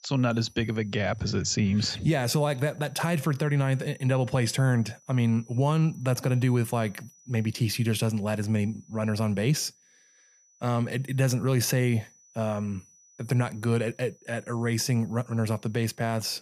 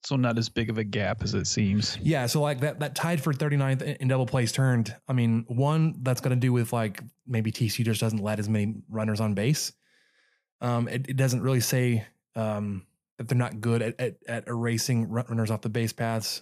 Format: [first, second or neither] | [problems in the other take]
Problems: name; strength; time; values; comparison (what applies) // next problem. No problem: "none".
second | high-pitched whine; faint; throughout; 6 kHz, 30 dB below the speech